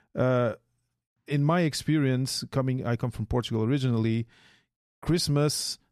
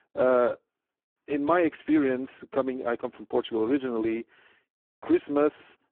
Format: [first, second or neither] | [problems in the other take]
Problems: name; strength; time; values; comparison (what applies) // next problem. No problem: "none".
first | phone-call audio; poor line